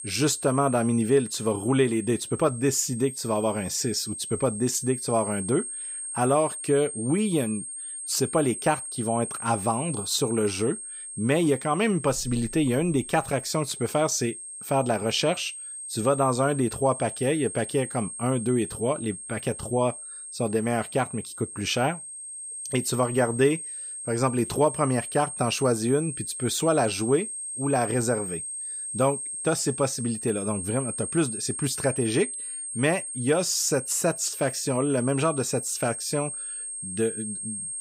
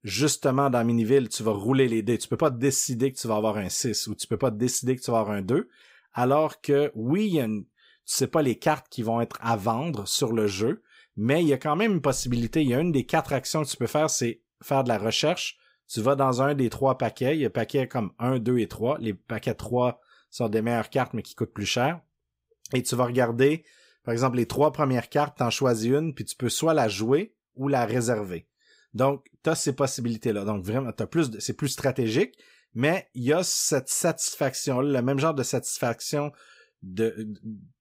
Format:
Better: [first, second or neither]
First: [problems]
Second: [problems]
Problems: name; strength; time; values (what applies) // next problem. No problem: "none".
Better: second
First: high-pitched whine; loud; throughout; 8.5 kHz, 7 dB below the speech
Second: none